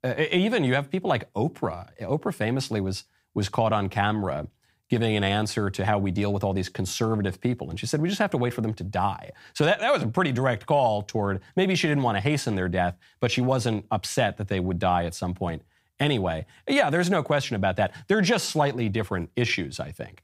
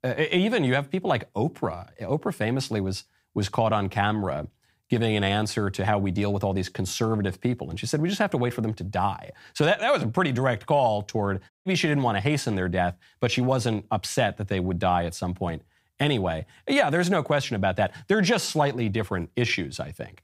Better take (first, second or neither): first